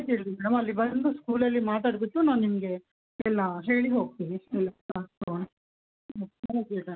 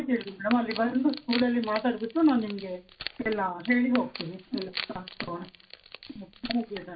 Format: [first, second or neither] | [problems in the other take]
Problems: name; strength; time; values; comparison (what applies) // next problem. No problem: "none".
first | background sound (Wood); 13 dB below the speech // room echo; dies away in 0.2 s